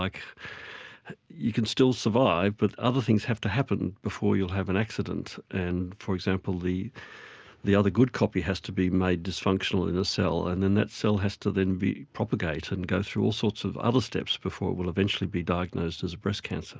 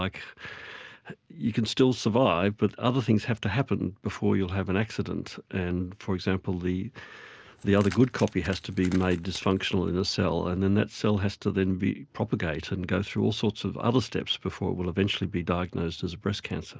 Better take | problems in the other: first | noise reduction (neural separator model SepFormer DNS4)

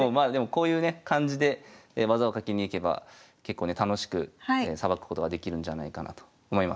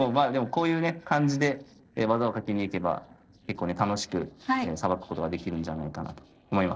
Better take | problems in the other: first | noise reduction (neural separator model SepFormer DNS4)

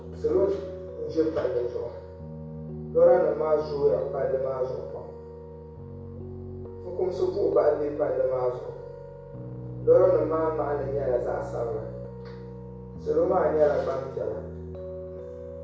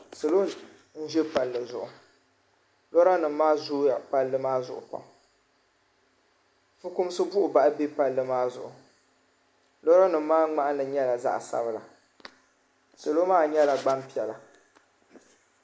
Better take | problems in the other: second | background sound (Piano); 11 dB below the speech // room echo; dies away in 0.6 s

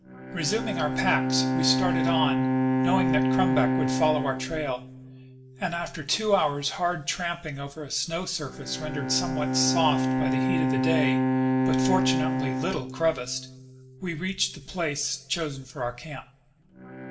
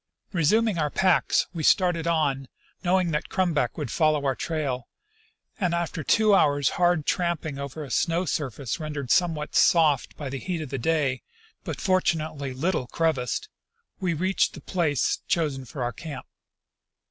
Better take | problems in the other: second | background sound (Bowed string instrument); 1 dB above the speech // room echo; dies away in 0.5 s

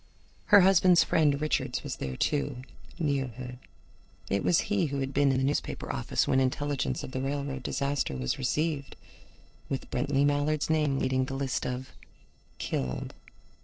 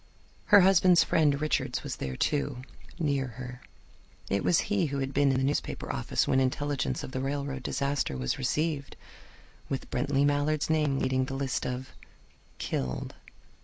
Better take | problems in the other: second | noise reduction (neural separator model SepFormer DNS4)

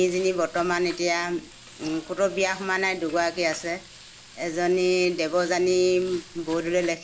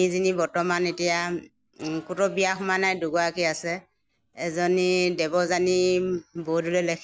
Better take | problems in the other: second | background sound (Frying (food)); 20 dB below the speech // room echo; dies away in 0.4 s

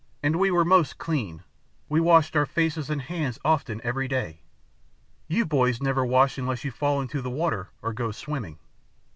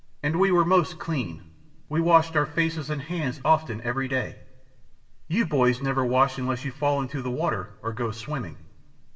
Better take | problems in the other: first | room echo; dies away in 0.7 s

